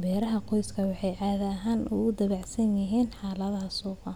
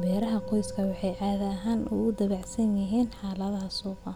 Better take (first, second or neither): first